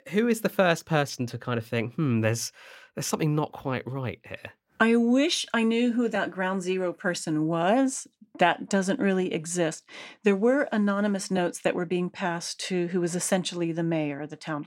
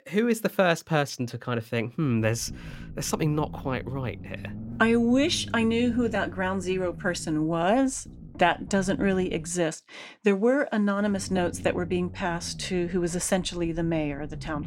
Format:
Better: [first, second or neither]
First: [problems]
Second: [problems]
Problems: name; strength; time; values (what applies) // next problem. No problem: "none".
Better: first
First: none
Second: low rumble; faint; from 2 to 9.5 s and from 11 s on; 20 dB below the speech